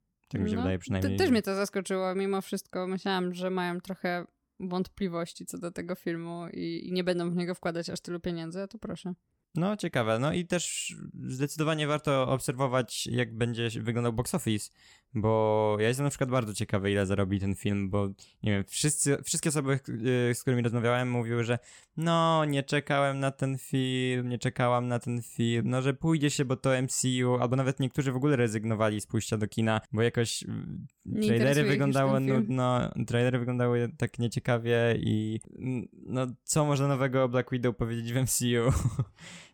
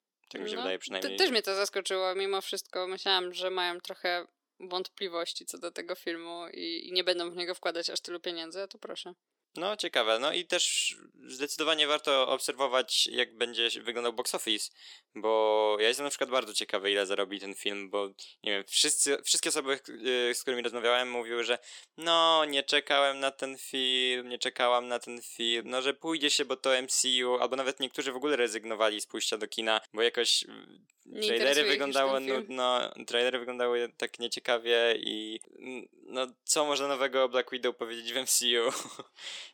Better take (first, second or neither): first